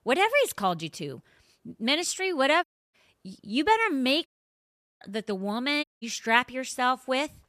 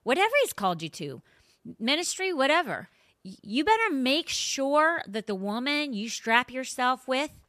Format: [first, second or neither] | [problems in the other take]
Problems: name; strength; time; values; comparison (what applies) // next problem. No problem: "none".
second | audio cutting out; at 2.5 s, at 4.5 s for 1 s and at 6 s